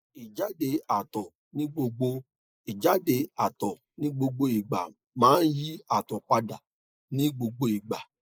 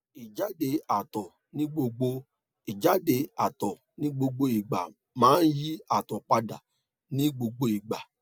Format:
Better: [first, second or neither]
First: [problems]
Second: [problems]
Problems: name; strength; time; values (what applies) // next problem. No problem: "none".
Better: second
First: noise reduction (neural mask model Resemble Enhance denoiser)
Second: none